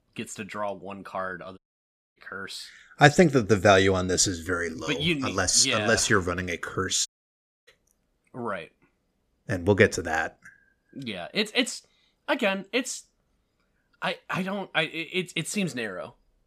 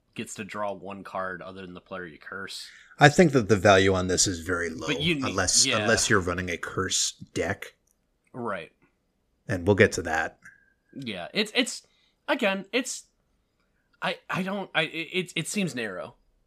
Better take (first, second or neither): second